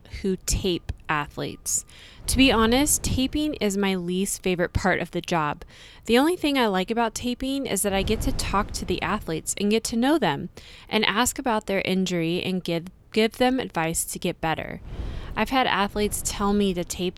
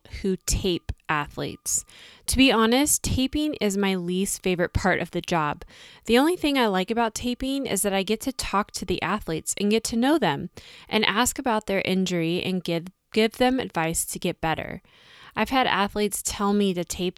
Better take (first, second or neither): second